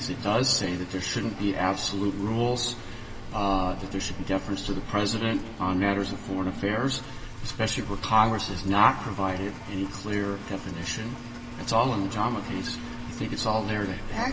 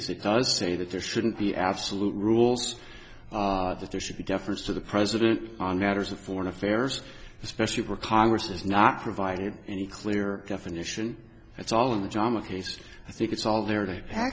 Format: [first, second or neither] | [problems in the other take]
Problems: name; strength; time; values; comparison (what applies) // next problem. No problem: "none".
second | background sound (Engine); 12 dB below the speech // room echo; dies away in 2.2 s